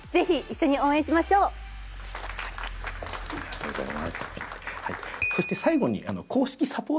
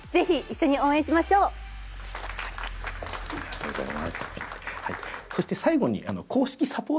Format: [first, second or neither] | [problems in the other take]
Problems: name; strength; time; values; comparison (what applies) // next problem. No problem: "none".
second | background sound (Piano); 15 dB below the speech